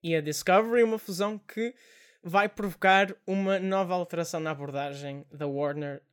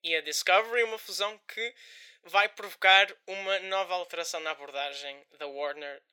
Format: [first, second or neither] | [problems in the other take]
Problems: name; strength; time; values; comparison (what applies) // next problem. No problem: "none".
first | thin; very; fading below 550 Hz